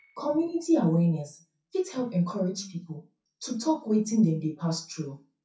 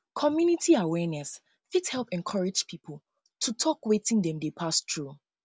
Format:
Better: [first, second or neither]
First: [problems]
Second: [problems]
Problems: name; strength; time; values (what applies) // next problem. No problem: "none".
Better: second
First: noise reduction (classical method WPE with log-MMSE)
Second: none